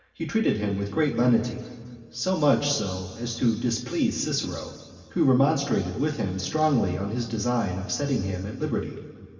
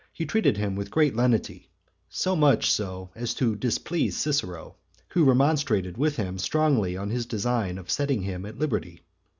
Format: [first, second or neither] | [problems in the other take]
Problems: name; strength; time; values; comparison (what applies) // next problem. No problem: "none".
second | room echo; dies away in 2.3 s